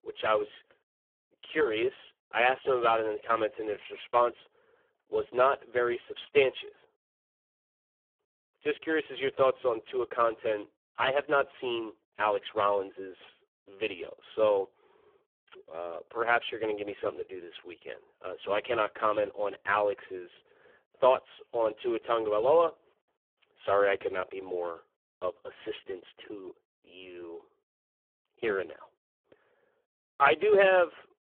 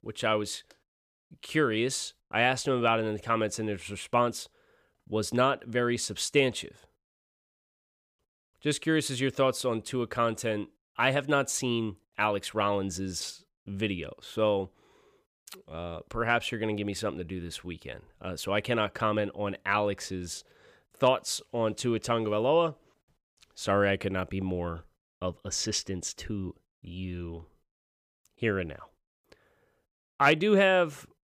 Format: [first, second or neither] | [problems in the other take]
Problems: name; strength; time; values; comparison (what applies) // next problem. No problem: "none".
second | phone-call audio; poor line